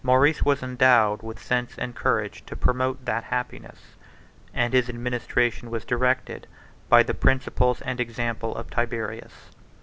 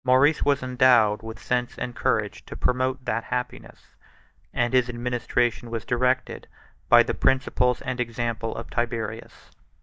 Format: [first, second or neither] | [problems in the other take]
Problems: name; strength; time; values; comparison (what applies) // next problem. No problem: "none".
first | noise reduction (neural mask model DeepFilterNet 3)